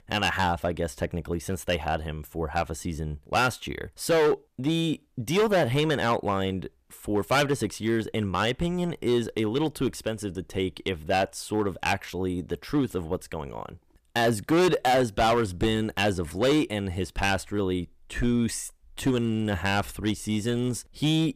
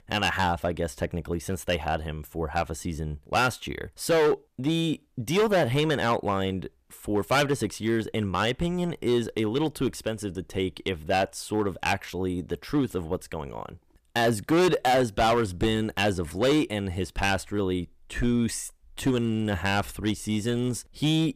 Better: neither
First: distortion; heavy; 6% of the sound clipped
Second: distortion; heavy; 6% of the sound clipped

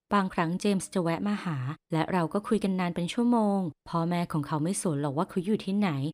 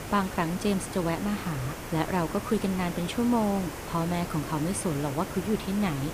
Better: first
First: none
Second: hiss; loud; throughout; 8 dB below the speech

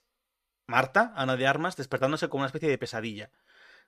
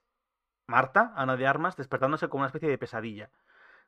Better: first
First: none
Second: muffled; slightly; fading above 3 kHz

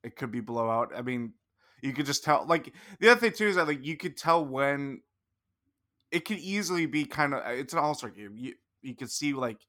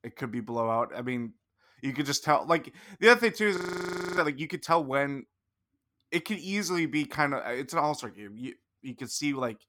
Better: first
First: none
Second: audio freezing; at 3.5 s for 0.5 s

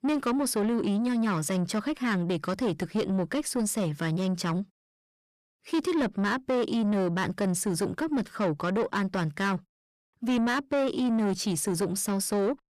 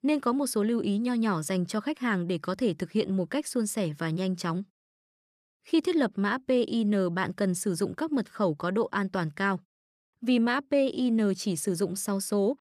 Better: second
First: distortion; slight; 10 dB below the speech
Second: none

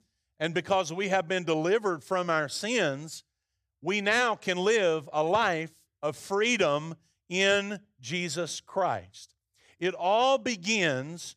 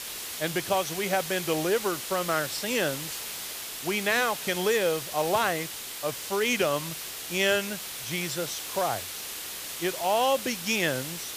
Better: first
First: none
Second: hiss; loud; throughout; 6 dB below the speech

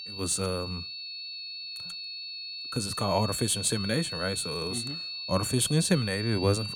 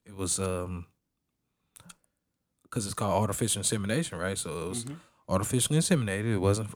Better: second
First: high-pitched whine; loud; throughout; 4.5 kHz, 6 dB below the speech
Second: none

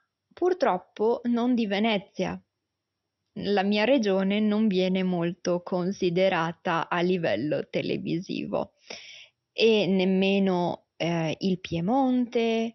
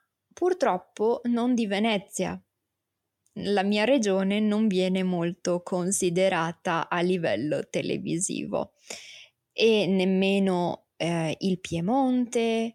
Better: second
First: garbled, watery; slightly; nothing above 6 kHz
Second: none

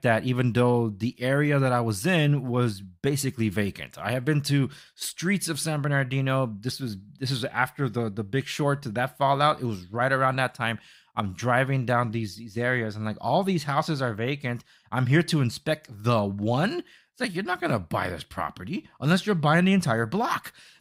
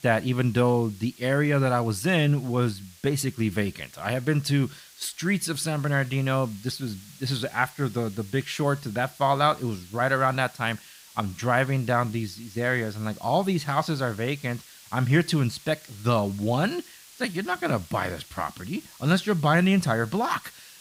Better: first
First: none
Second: hiss; faint; throughout; 20 dB below the speech

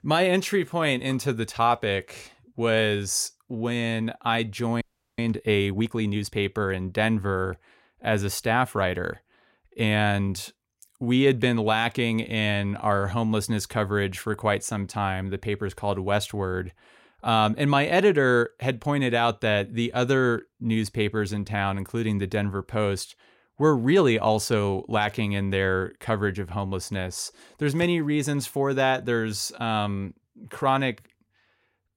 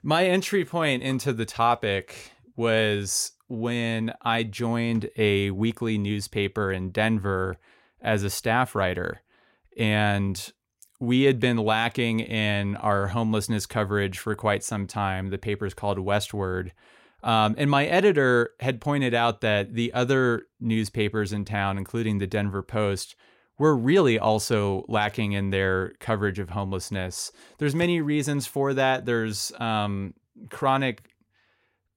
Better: second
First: audio freezing; at 5 s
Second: none

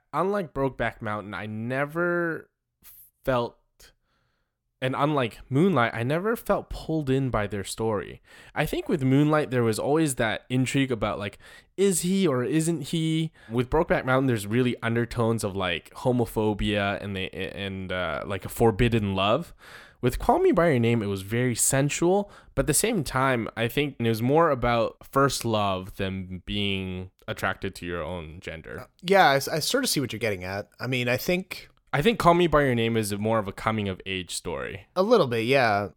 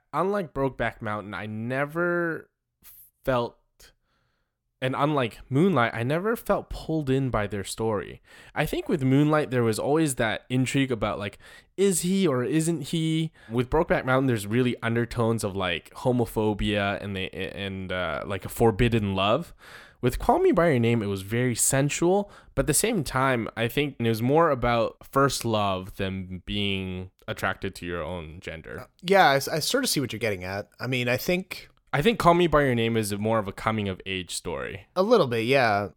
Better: neither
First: none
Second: none

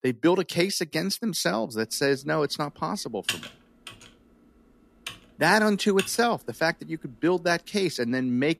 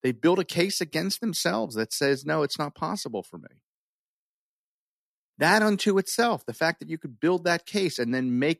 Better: second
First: keyboard typing; noticeable; from 3.5 to 6 s; peak 5 dB below the speech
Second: none

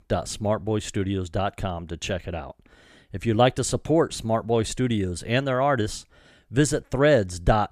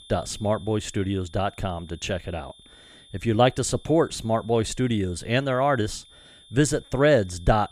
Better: first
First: none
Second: high-pitched whine; faint; throughout; 3.5 kHz, 25 dB below the speech

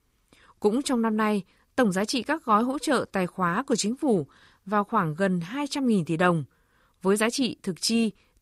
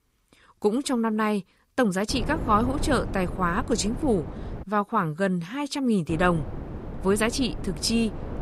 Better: first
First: none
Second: wind noise on the microphone; occasional gusts; from 2 to 4.5 s and from 6 s on; 15 dB below the speech

